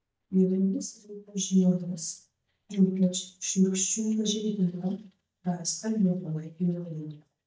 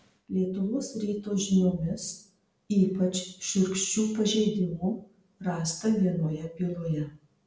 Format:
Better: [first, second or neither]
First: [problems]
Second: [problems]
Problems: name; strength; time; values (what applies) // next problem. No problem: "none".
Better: second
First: noise reduction (neural mask model DeepFilterNet 3)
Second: none